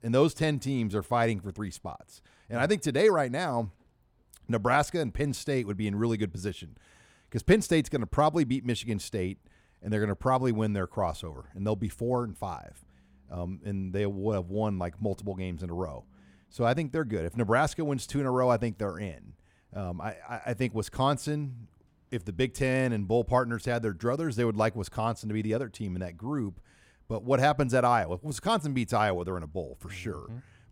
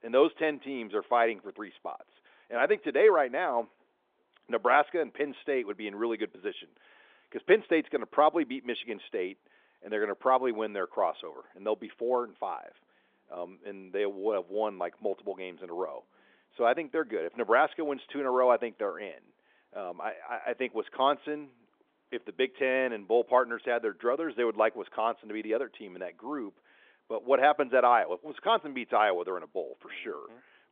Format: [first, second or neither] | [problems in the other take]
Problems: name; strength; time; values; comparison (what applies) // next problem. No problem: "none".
first | phone-call audio; nothing above 3.5 kHz